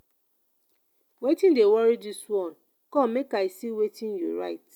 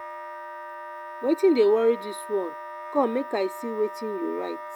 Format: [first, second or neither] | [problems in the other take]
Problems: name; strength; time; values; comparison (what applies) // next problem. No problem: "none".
first | background sound (Wind instrument, woodwind instrument); 11 dB below the speech